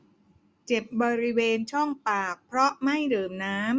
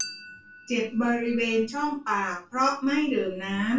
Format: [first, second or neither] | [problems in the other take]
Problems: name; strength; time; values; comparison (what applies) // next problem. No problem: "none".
first | background sound (Chink, clink); 18 dB below the speech // room echo; dies away in 0.2 s